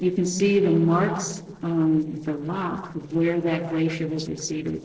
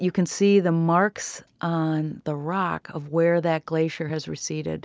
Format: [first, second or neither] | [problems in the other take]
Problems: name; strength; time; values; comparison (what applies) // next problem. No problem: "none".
second | noise reduction (neural separator model SepFormer DNS4)